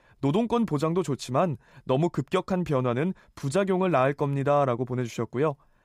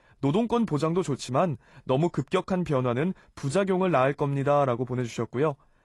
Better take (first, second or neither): first